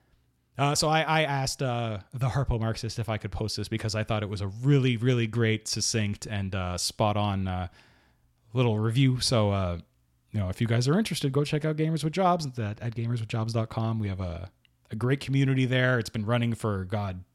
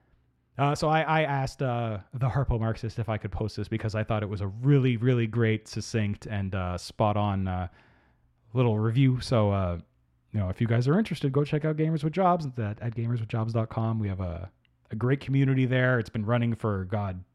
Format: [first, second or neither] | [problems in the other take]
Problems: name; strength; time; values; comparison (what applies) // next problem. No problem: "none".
first | muffled; slightly; fading above 3.5 kHz